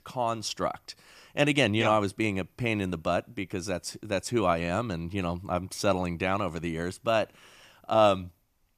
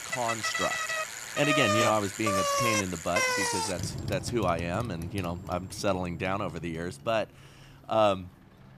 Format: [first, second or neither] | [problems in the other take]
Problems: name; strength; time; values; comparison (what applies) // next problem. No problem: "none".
first | traffic noise; very loud; throughout; 1 dB above the speech